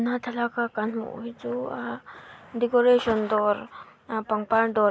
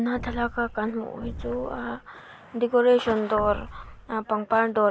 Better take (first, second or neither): first